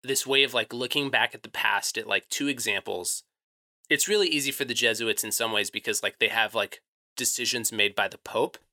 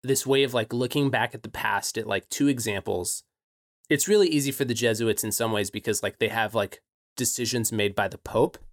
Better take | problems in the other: second | thin; very slightly; fading below 1 kHz

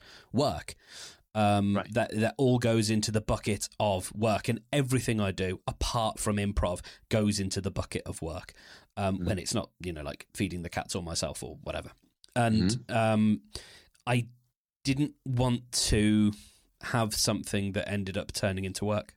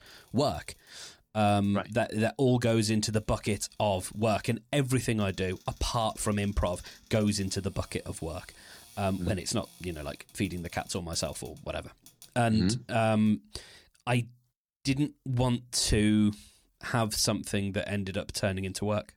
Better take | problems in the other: first | household noises; faint; until 13 s; 25 dB below the speech

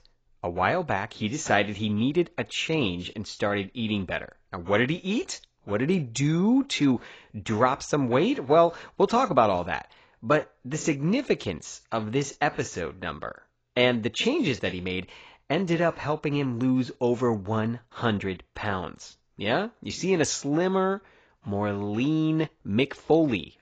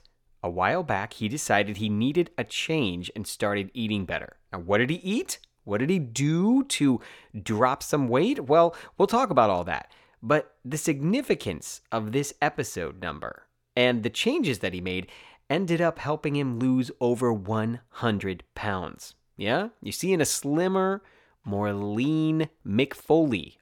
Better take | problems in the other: second | garbled, watery; badly; nothing above 7.5 kHz

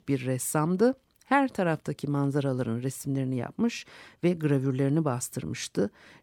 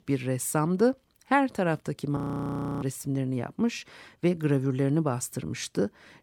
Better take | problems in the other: first | audio freezing; at 2 s for 0.5 s

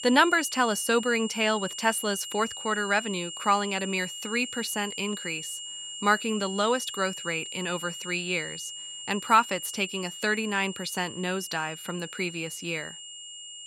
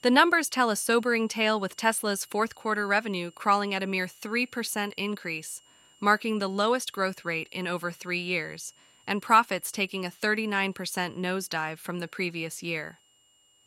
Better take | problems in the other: second | high-pitched whine; loud; throughout; 3 kHz, 9 dB below the speech; faint in the second

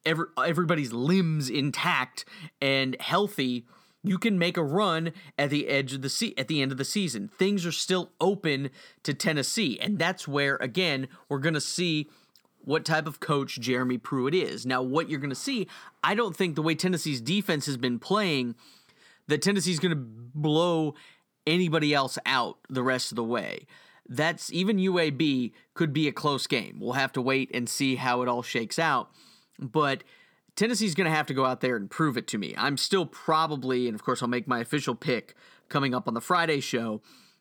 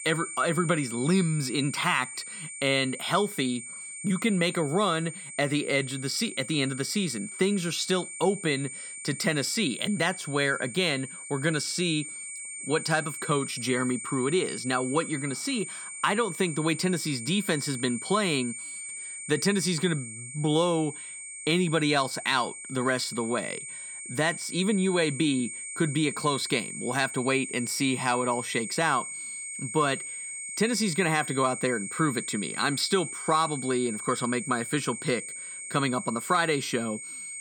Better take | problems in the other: first | high-pitched whine; loud; throughout; 8.5 kHz, 8 dB below the speech

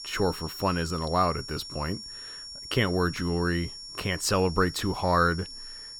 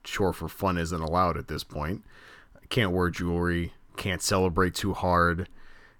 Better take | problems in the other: second | high-pitched whine; noticeable; throughout; 5.5 kHz, 10 dB below the speech

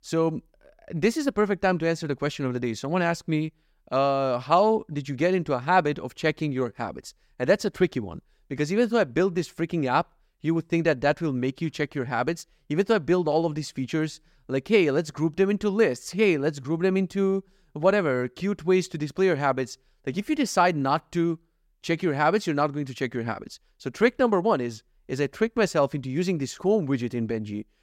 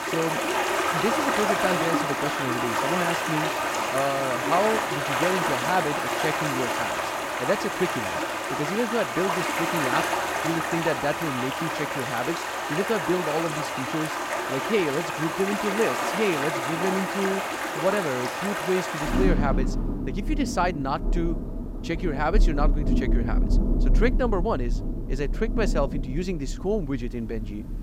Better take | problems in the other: first | rain or running water; very loud; throughout; 2 dB above the speech

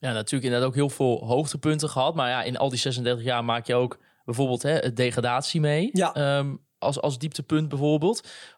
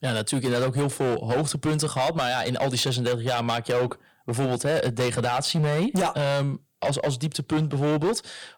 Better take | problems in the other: first | distortion; heavy; 16% of the sound clipped

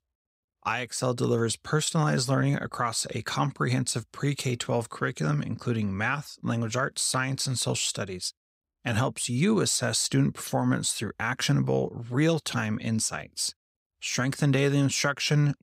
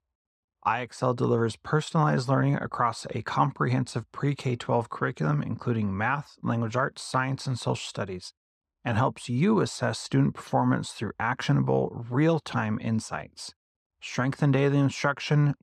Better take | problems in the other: first | muffled; slightly; fading above 1.5 kHz

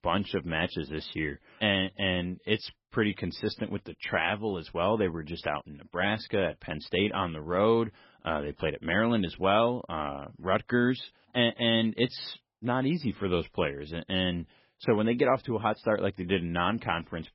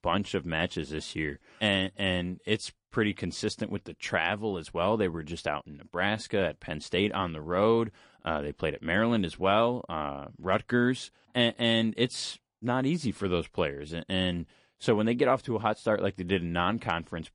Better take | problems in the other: second | garbled, watery; badly; nothing above 5.5 kHz; slightly in the second

